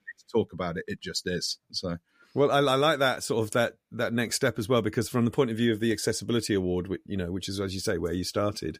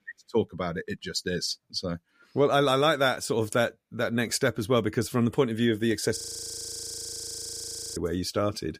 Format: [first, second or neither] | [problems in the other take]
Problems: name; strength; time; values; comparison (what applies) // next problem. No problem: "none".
first | audio freezing; at 6 s for 2 s